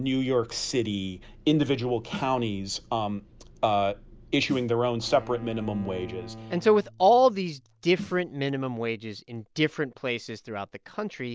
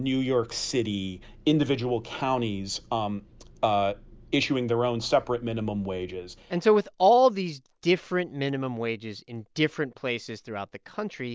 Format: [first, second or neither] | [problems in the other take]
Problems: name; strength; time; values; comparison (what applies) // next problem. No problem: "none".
second | background sound (Snare drum + Bowed string instrument); 17 dB below the speech